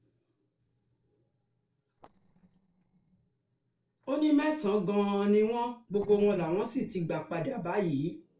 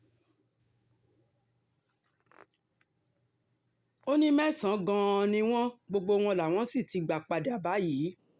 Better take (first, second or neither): second